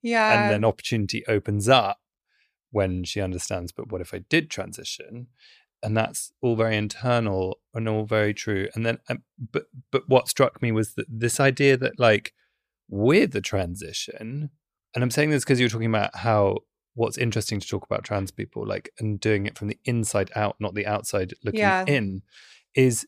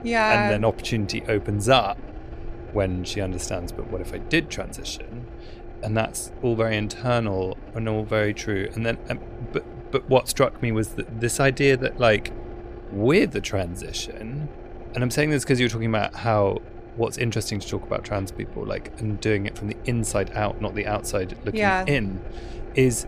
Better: first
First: none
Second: low rumble; noticeable; throughout; 20 dB below the speech

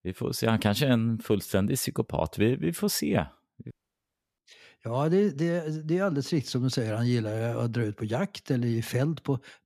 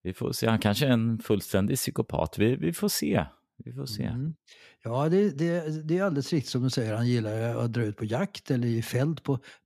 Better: second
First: audio cutting out; at 3.5 s for 0.5 s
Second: none

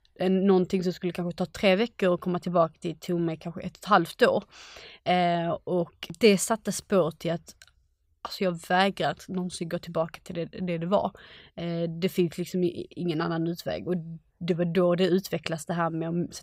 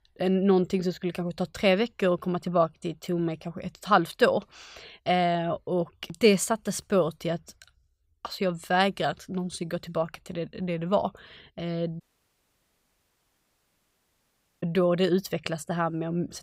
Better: first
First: none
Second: audio cutting out; at 12 s for 2.5 s

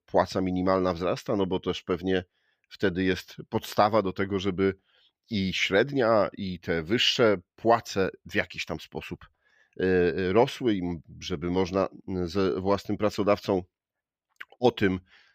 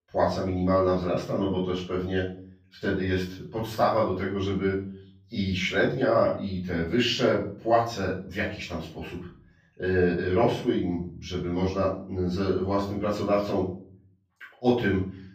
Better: first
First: none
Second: off-mic speech; far // room echo; noticeable; dies away in 0.5 s

